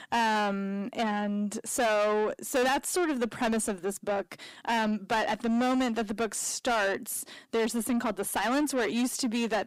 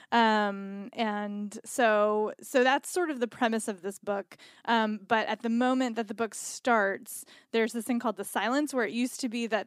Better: second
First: distortion; heavy; 6 dB below the speech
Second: none

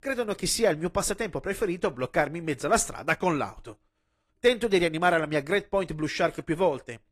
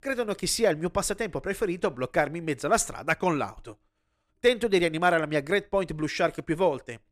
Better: second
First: garbled, watery; slightly; nothing above 14.5 kHz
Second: none

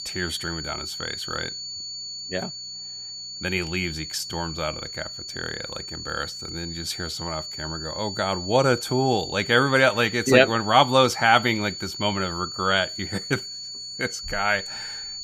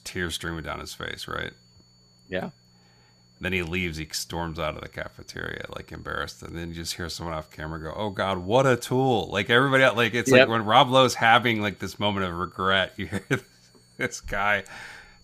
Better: second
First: high-pitched whine; loud; throughout; 4.5 kHz, 9 dB below the speech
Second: high-pitched whine; faint; throughout; 4.5 kHz, 35 dB below the speech

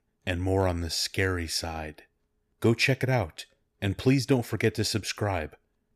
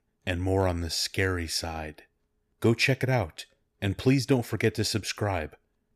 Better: neither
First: none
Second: none

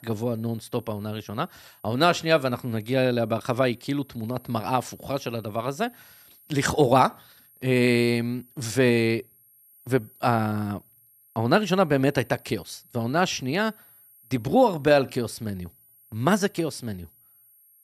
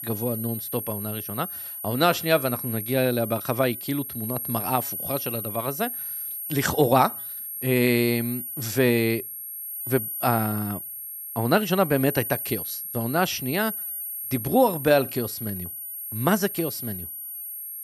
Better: first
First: high-pitched whine; faint; throughout; 11.5 kHz, 30 dB below the speech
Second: high-pitched whine; loud; throughout; 11.5 kHz, 6 dB below the speech

